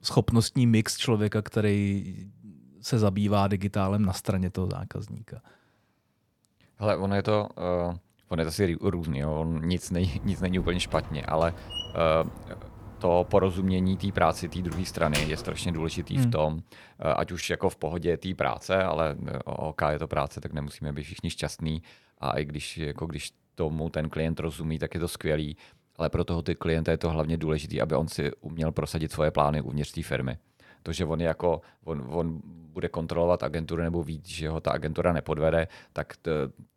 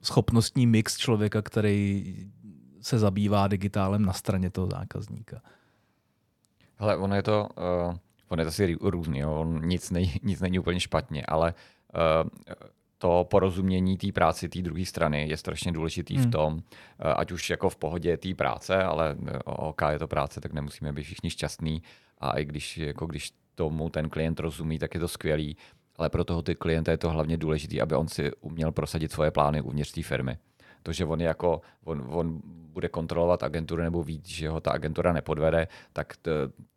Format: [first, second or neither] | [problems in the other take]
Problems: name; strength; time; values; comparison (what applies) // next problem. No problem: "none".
second | door banging; noticeable; from 10 to 16 s; peak 3 dB below the speech